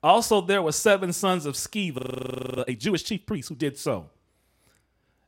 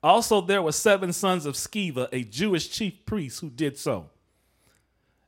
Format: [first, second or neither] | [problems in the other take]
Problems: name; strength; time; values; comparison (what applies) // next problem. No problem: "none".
second | audio freezing; at 2 s for 0.5 s